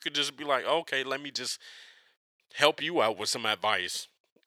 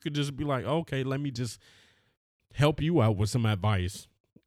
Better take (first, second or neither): second